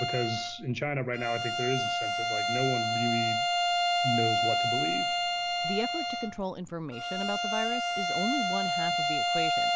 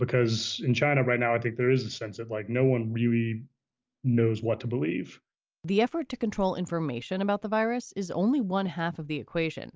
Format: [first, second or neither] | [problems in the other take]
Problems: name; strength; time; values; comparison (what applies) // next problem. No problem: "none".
second | background sound (Bowed string instrument); 5 dB above the speech